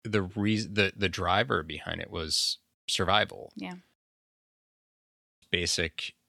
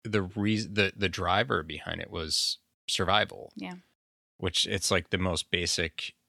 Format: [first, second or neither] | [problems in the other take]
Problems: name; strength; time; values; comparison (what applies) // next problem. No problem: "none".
second | audio cutting out; at 4.5 s for 1 s